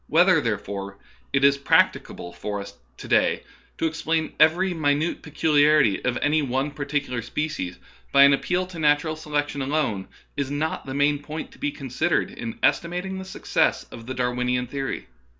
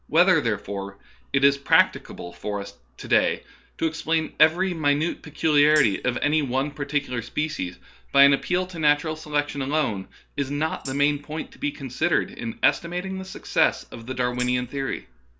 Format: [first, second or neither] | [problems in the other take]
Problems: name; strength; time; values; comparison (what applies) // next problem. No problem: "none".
first | background sound (Tambourine); 18 dB below the speech